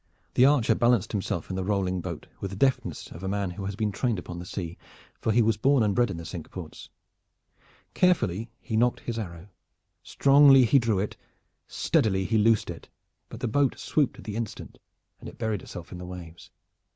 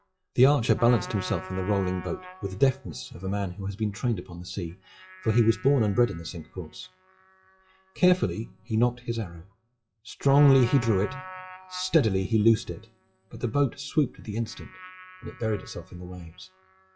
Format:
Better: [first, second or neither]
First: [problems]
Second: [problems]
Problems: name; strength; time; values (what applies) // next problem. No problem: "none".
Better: first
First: none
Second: noise reduction (classical method WPE with log-MMSE)